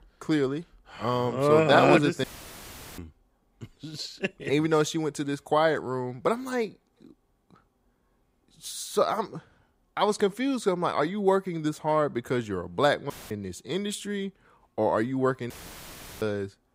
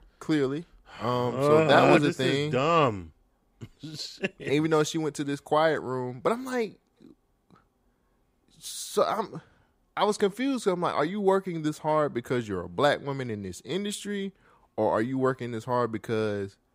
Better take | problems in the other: second | audio cutting out; filled with static; at 2 s for 0.5 s, at 13 s and at 16 s for 0.5 s

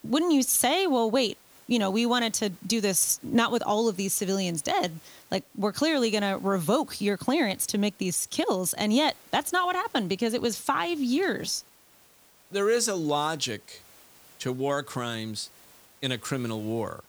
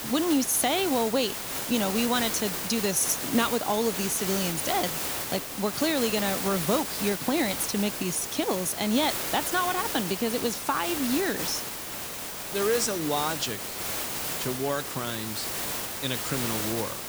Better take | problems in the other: first | hiss; loud; throughout; 3 dB below the speech; faint in the first

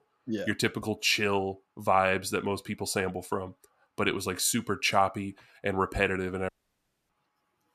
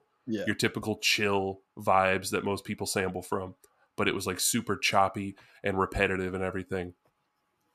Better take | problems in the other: second | audio cutting out; at 6.5 s for 0.5 s

